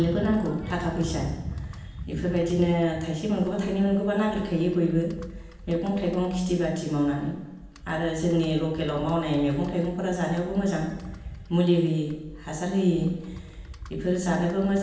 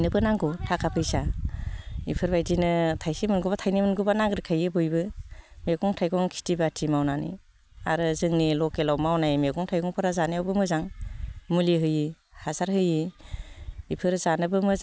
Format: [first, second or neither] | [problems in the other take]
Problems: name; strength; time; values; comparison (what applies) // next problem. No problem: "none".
second | background sound (Computer keyboard); 19 dB below the speech // room echo; dies away in 0.9 s